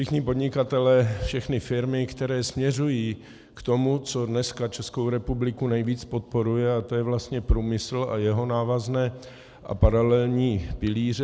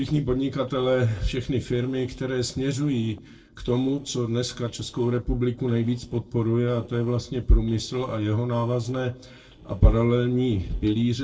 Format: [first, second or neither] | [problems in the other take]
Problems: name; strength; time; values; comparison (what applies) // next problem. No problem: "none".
first | noise reduction (neural separator model SepFormer DNS4)